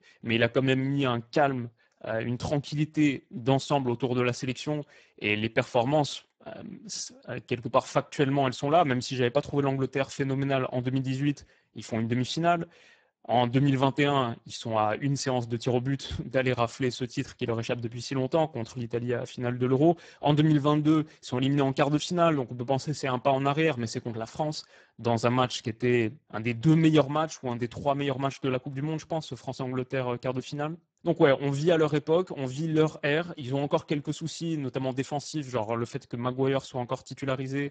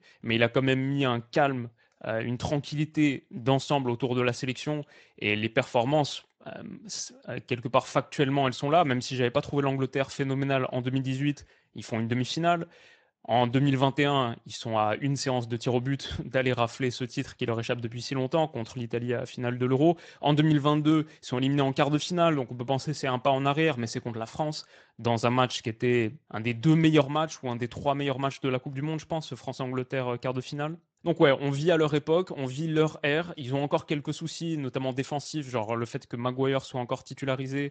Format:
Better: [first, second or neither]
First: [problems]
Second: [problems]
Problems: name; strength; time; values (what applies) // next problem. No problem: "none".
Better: second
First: garbled, watery; badly; nothing above 8 kHz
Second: garbled, watery; slightly; nothing above 8 kHz